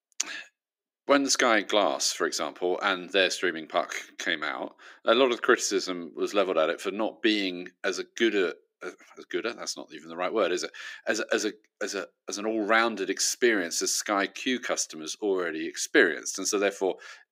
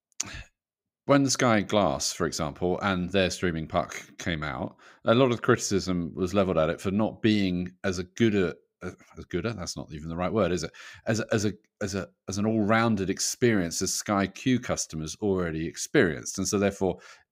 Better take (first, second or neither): second